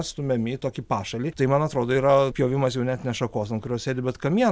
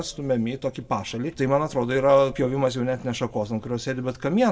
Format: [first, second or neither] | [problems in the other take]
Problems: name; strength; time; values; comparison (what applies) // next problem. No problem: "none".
first | room echo; dies away in 0.4 s